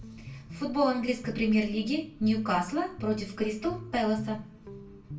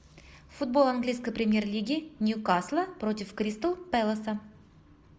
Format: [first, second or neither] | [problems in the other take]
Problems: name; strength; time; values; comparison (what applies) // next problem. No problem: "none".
second | background sound (Guitar); 15 dB below the speech // room echo; dies away in 0.3 s